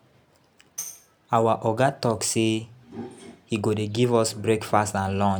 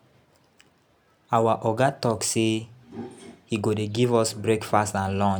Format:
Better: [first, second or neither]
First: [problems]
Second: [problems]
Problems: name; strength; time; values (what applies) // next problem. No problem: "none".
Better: second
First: background sound (Tambourine); 18 dB below the speech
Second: none